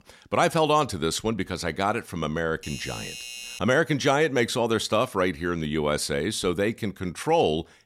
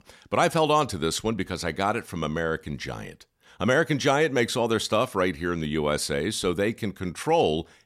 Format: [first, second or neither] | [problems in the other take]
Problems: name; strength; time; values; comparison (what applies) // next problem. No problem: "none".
second | doorbell; noticeable; from 2.5 to 3.5 s; peak 10 dB below the speech